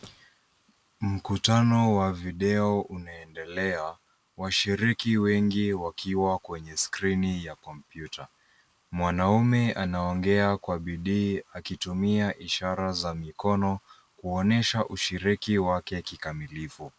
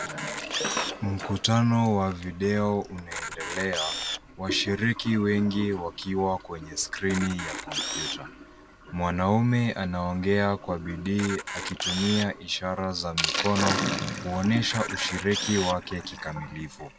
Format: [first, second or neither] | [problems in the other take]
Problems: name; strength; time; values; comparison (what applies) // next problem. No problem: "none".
first | background sound (Sink (filling or washing) + Camera); 7 dB below the speech